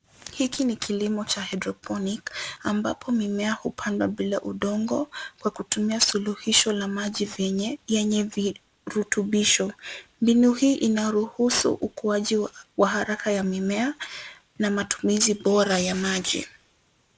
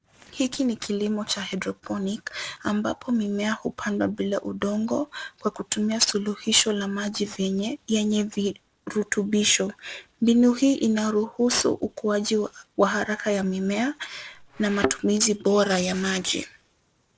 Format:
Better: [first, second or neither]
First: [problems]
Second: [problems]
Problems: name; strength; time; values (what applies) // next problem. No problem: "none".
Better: first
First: none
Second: noise reduction (neural separator model SepFormer DNS4)